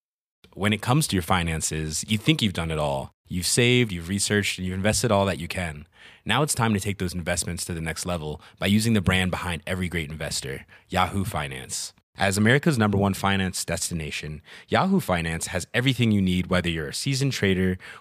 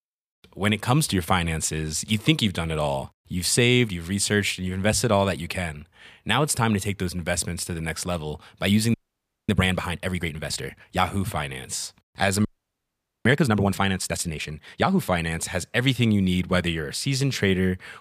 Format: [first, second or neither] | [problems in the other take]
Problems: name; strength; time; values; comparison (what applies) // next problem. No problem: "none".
first | audio freezing; at 9 s for 0.5 s and at 12 s for 1 s